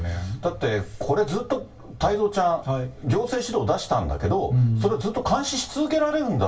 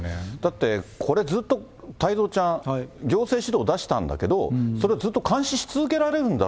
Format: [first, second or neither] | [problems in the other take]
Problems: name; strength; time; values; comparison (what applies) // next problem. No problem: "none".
second | room echo; dies away in 0.2 s